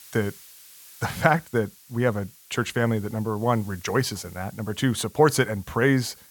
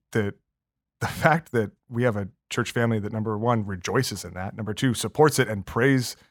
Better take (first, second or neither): second